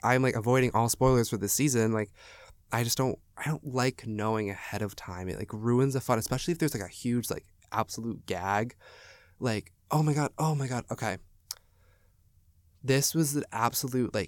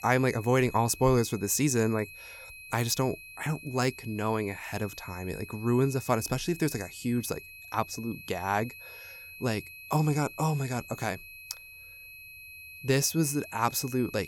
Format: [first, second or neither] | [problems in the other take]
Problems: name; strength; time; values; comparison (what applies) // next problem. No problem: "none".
first | high-pitched whine; noticeable; throughout; 2.5 kHz, 15 dB below the speech